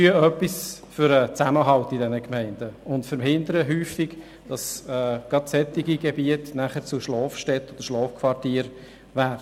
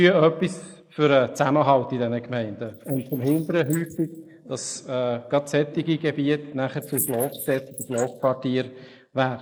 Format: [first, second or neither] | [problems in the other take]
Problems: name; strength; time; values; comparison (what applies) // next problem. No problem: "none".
first | noise reduction (neural mask model Resemble Enhance denoiser)